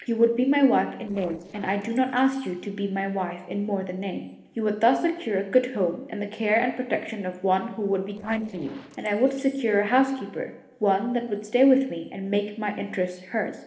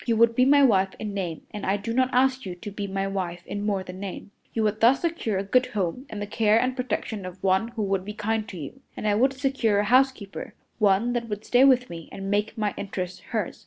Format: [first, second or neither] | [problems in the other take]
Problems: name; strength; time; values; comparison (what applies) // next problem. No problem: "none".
second | noise reduction (neural separator model SepFormer DNS4)